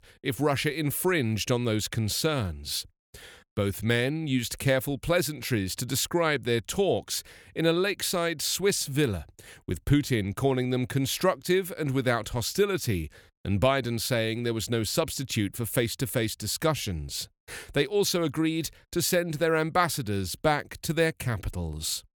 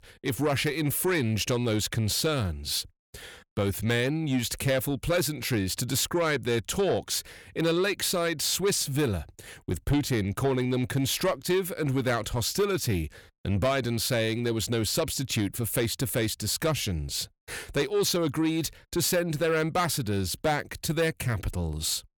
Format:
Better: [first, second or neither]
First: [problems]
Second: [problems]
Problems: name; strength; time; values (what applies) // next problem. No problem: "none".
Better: first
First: none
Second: distortion; slight; 10 dB below the speech